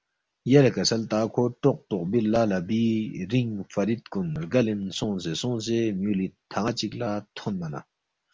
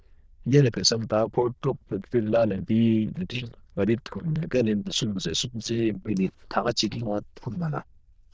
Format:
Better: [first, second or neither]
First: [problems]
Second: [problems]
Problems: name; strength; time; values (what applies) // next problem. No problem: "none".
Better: first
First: none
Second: noise reduction (neural diffusion model UNIVERSE++)